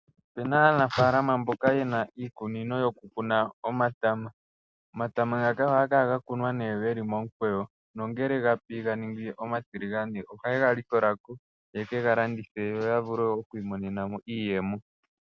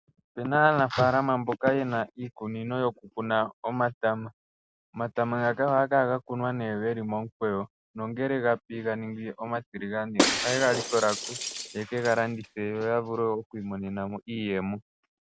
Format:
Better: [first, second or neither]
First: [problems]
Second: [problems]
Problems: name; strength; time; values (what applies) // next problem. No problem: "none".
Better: first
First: none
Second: background sound (Shatter); 3 dB below the speech